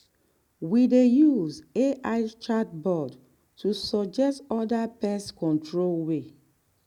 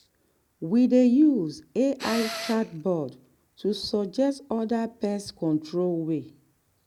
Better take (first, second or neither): first